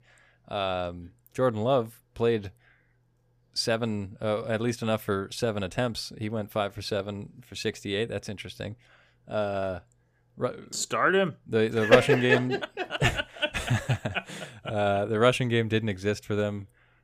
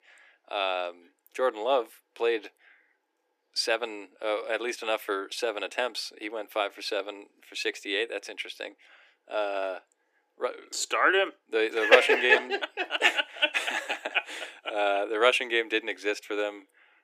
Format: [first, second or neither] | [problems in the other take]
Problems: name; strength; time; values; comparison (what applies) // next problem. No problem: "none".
first | thin; very; fading below 300 Hz